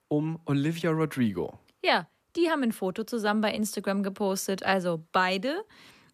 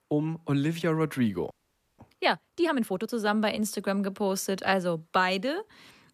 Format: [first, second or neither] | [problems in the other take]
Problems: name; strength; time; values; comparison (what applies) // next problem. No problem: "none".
first | audio freezing; at 1.5 s